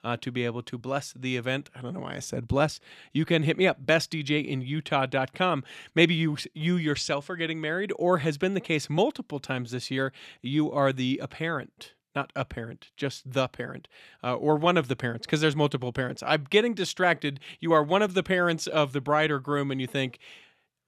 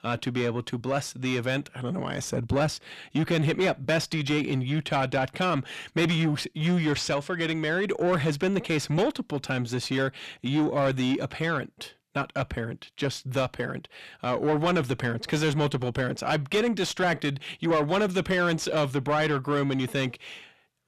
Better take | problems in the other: first | distortion; heavy; 8 dB below the speech

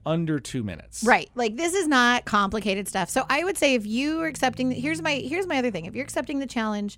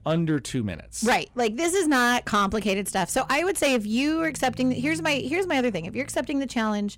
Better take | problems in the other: first | distortion; slight; 6% of the sound clipped

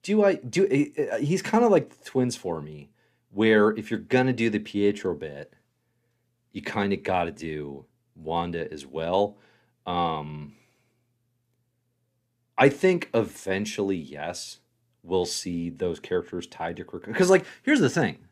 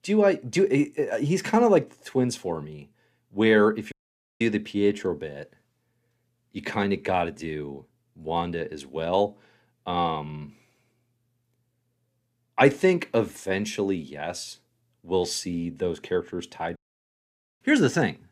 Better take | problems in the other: first | audio cutting out; at 4 s and at 17 s for 1 s

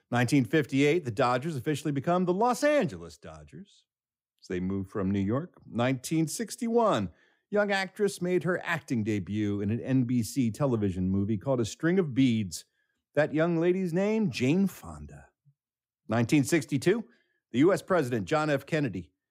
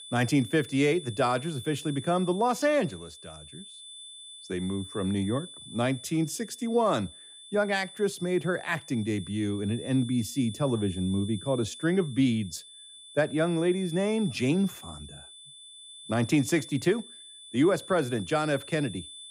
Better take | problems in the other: first | high-pitched whine; noticeable; throughout; 3.5 kHz, 15 dB below the speech

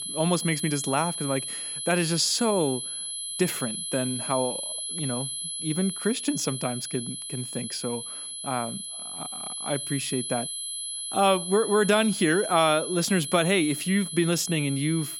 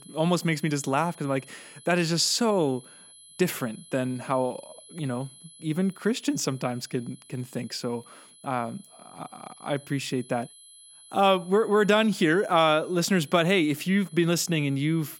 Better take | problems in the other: second | high-pitched whine; loud; throughout; 11 kHz, 5 dB below the speech; faint in the second

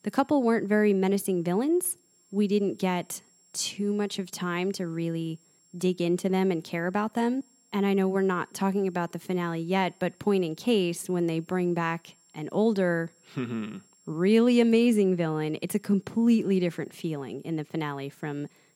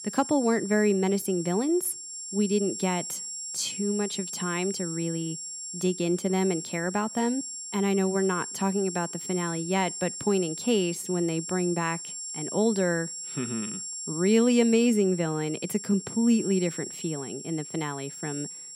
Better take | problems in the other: first | high-pitched whine; loud; throughout; 7.5 kHz, 7 dB below the speech; faint in the first

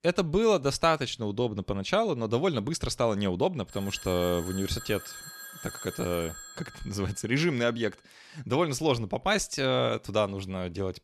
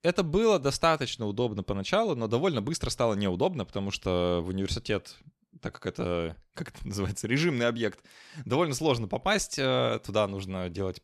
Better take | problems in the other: second | phone ringing; faint; from 3.5 to 7.5 s; peak 10 dB below the speech

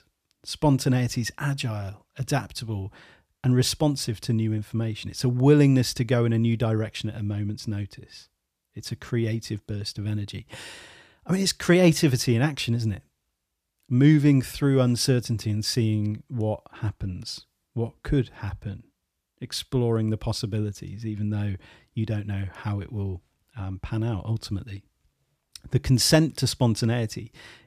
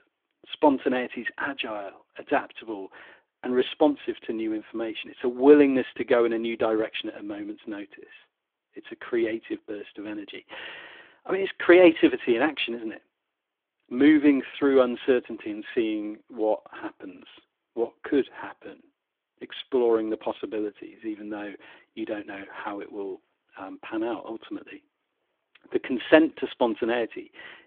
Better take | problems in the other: first | phone-call audio; nothing above 3.5 kHz

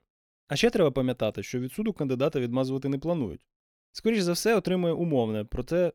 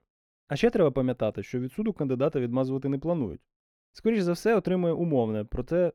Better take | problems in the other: first | muffled; slightly; fading above 2.5 kHz

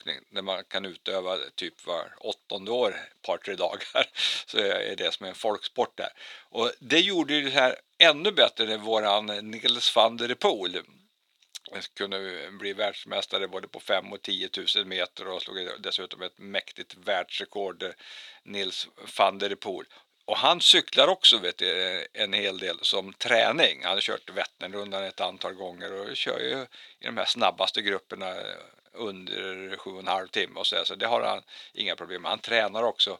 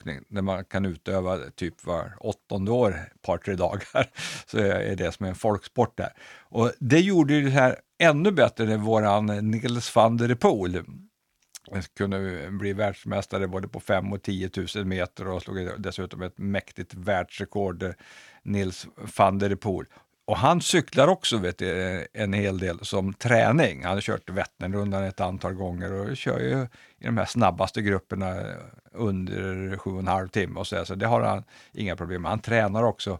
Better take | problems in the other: second | thin; somewhat; fading below 400 Hz

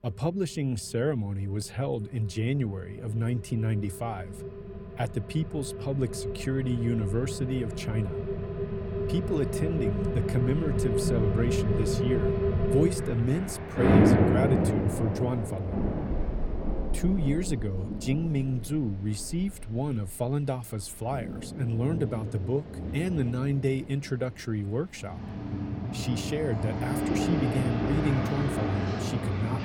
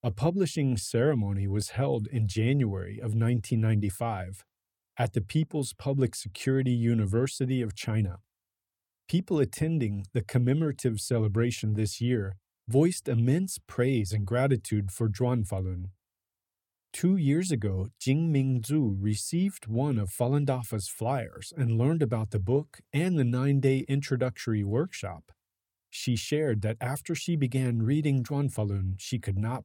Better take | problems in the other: second | rain or running water; very loud; throughout; as loud as the speech

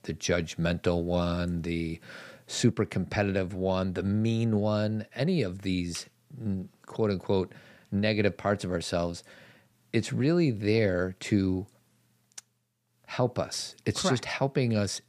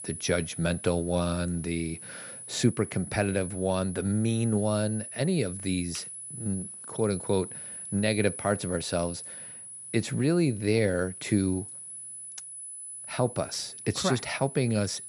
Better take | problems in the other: first | high-pitched whine; loud; throughout; 10 kHz, 10 dB below the speech

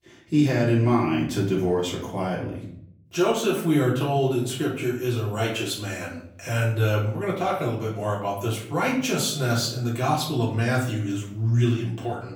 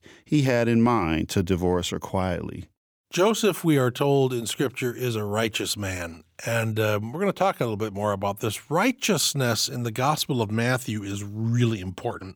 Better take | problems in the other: second | off-mic speech; far // room echo; slight; dies away in 0.6 s

